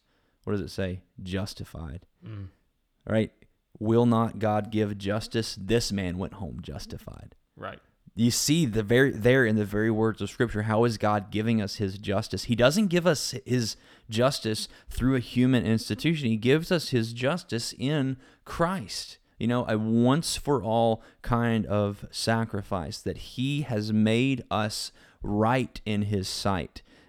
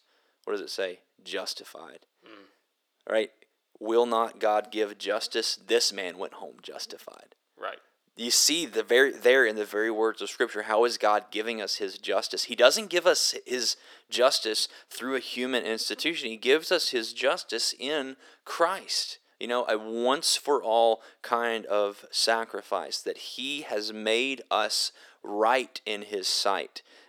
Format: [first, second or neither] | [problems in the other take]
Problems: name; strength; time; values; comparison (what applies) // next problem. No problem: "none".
first | thin; very; fading below 400 Hz